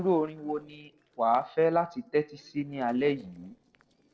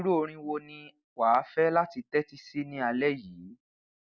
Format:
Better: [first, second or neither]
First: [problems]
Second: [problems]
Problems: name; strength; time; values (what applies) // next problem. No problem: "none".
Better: second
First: noise reduction (neural separator model SepFormer DNS4)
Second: none